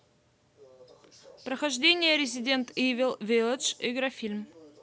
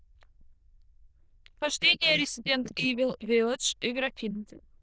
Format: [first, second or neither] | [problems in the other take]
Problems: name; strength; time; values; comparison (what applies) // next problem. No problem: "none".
first | noise reduction (neural diffusion model UNIVERSE++)